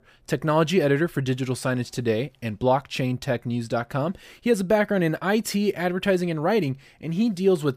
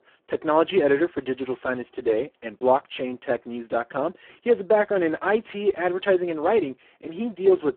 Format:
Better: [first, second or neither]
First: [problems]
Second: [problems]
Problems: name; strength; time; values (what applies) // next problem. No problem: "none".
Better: first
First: none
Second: phone-call audio; poor line